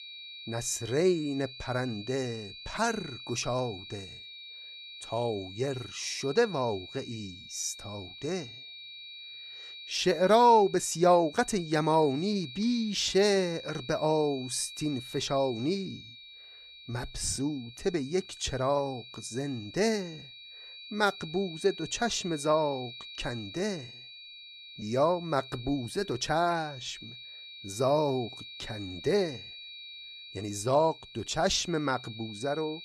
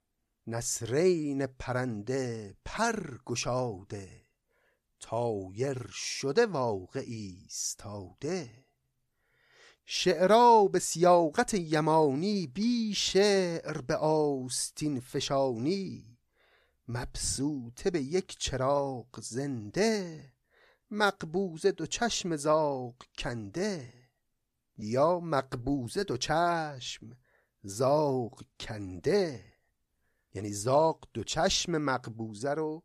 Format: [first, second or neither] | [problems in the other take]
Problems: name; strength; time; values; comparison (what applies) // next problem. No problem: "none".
second | high-pitched whine; noticeable; throughout; 4 kHz, 15 dB below the speech